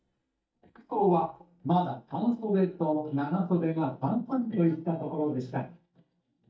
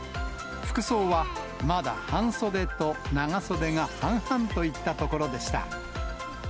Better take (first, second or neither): second